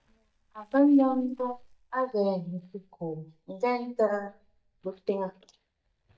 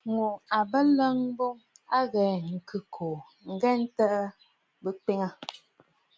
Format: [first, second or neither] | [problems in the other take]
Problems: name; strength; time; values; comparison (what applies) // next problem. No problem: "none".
second | noise reduction (neural mask model DeepFilterNet 3)